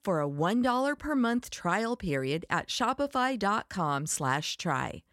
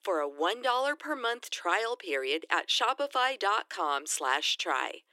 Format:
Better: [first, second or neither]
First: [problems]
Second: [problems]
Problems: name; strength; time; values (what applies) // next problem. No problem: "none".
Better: first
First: none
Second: thin; very; fading below 300 Hz